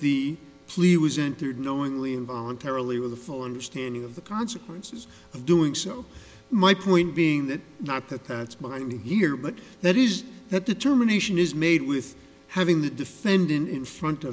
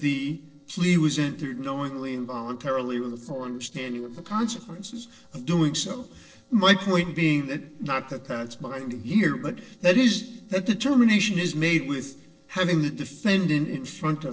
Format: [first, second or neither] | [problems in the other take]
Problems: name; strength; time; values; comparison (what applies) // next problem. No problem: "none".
first | noise reduction (neural separator model SepFormer DNS4)